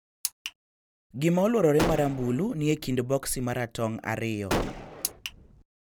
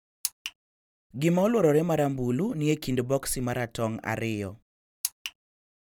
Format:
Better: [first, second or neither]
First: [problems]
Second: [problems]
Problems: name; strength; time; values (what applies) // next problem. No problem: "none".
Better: second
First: background sound (Gunshot, gunfire); 5 dB below the speech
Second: none